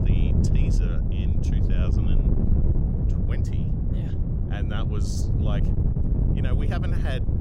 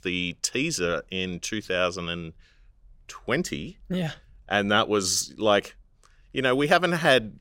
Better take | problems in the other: second | wind noise on the microphone; heavy; 3 dB above the speech

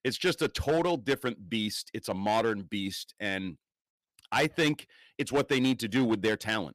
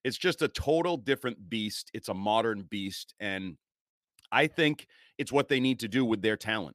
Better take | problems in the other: second | distortion; slight; 5% of the sound clipped

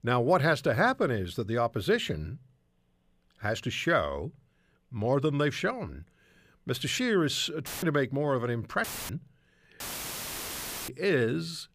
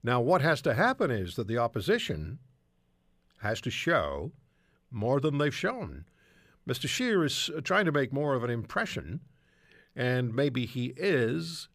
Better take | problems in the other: second | audio cutting out; filled with static; at 7.5 s, at 9 s and at 10 s for 1 s

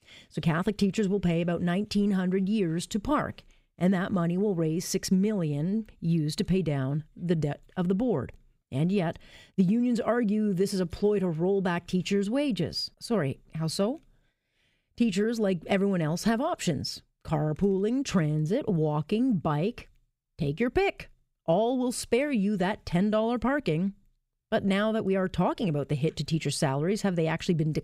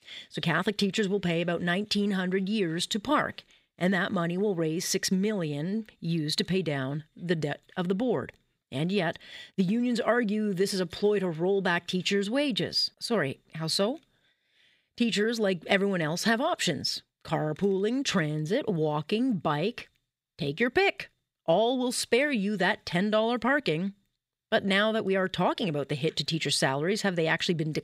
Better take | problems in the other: first | thin; very slightly; fading below 250 Hz

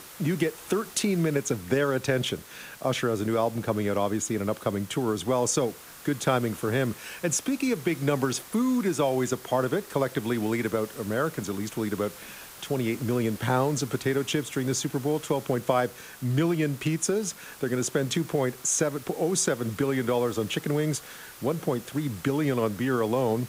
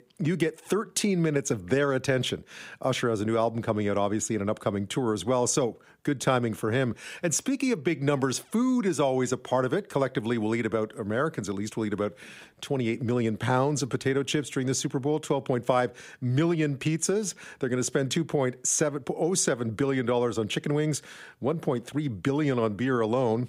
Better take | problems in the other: second | hiss; noticeable; throughout; 15 dB below the speech

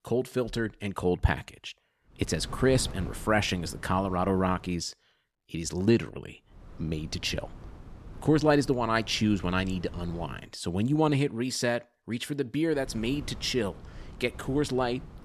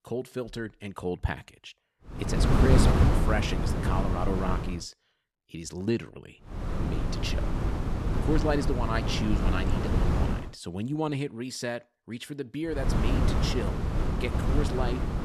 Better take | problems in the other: first | wind noise on the microphone; heavy; from 2 to 4.5 s, from 6.5 to 10 s and from 13 s on; as loud as the speech; occasional gusts in the first

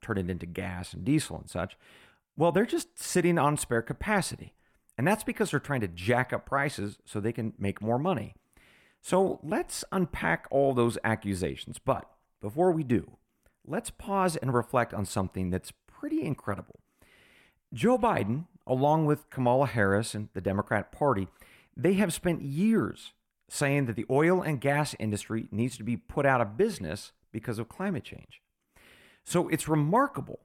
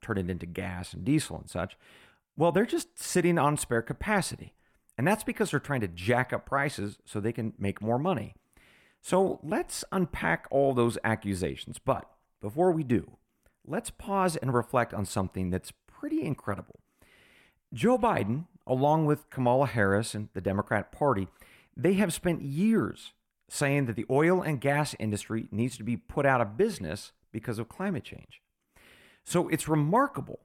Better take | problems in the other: neither | none

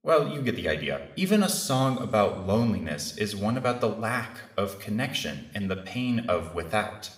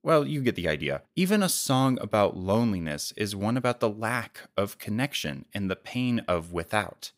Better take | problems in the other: second | room echo; slight; dies away in 0.8 s

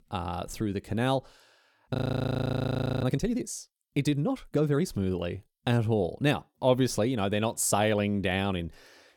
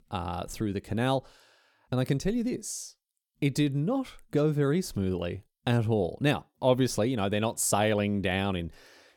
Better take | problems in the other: second | audio freezing; at 2 s for 1 s

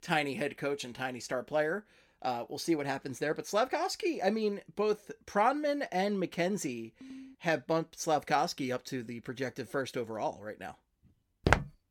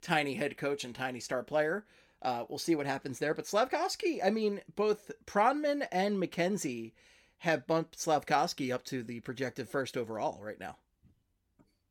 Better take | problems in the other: second | phone ringing; faint; at 7 s; peak 15 dB below the speech // footsteps; loud; at 11 s; peak 4 dB above the speech

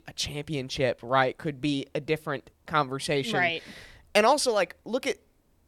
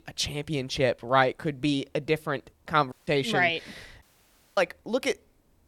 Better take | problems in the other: first | audio cutting out; at 3 s and at 4 s for 0.5 s

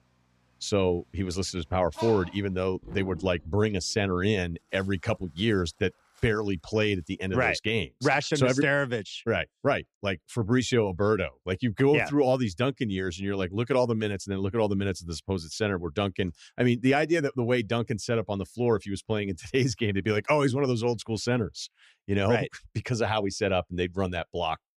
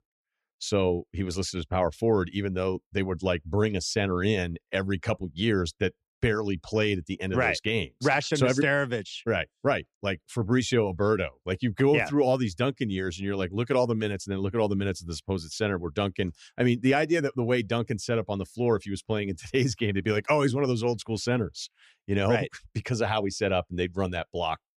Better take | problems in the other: second | animal sounds; noticeable; until 7 s; 15 dB below the speech

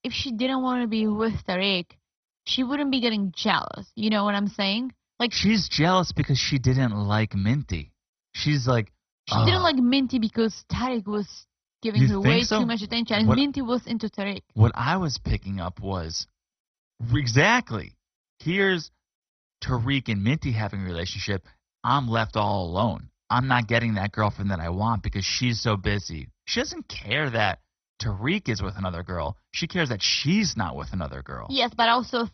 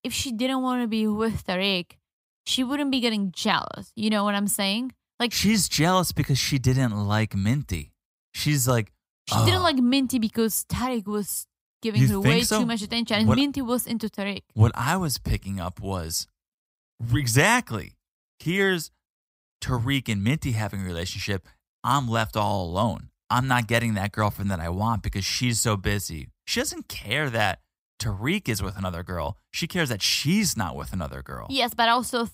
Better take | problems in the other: second | garbled, watery; badly; nothing above 6 kHz

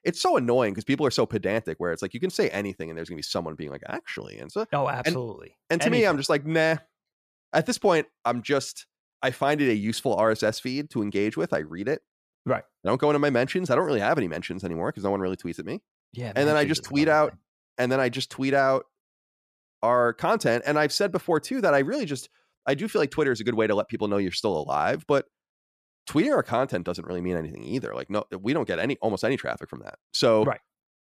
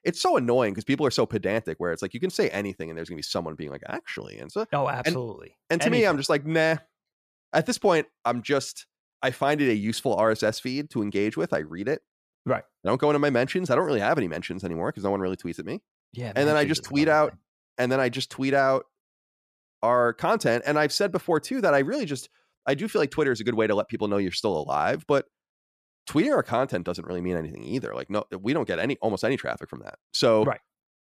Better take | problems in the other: neither | none

